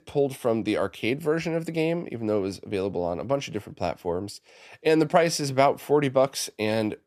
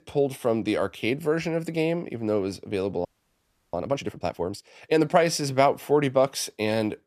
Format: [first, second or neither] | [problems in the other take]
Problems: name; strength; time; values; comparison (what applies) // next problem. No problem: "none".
first | audio freezing; at 3 s for 0.5 s